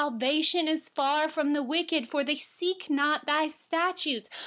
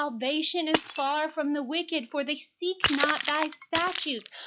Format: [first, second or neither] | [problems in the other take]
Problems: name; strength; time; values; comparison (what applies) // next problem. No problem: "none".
first | noise reduction (classical method log-MMSE)